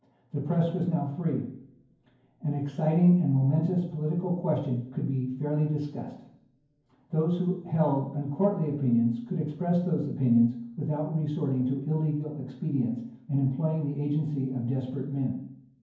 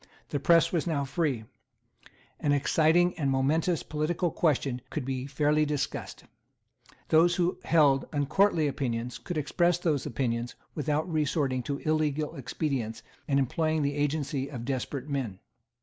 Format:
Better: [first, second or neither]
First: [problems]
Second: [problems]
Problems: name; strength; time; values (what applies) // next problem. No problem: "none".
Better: second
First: room echo; dies away in 0.9 s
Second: none